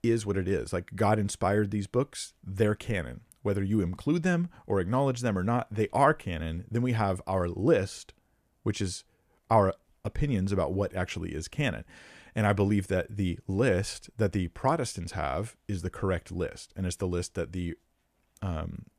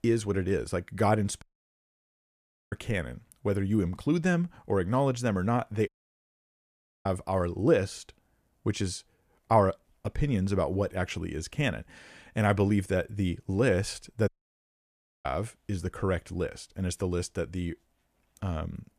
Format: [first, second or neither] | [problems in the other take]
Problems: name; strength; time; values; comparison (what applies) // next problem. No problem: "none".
first | audio cutting out; at 1.5 s for 1.5 s, at 6 s for 1 s and at 14 s for 1 s